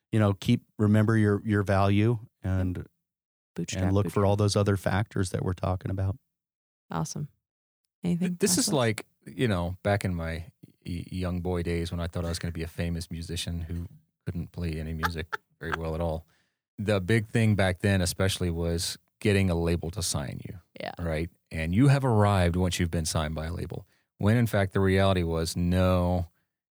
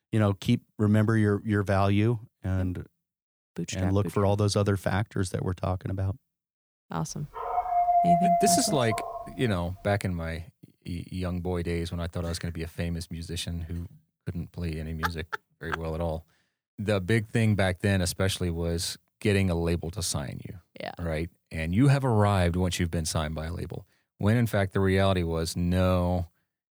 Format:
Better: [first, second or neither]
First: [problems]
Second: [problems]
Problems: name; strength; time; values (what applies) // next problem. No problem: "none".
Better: first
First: none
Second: dog barking; loud; from 7.5 to 9 s; peak 6 dB above the speech